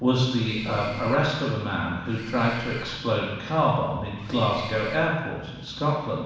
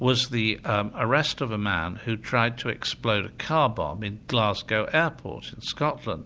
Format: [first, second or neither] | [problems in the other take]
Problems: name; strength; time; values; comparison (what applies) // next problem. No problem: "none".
second | background sound (Mechanisms); 16 dB below the speech // room echo; dies away in 1.1 s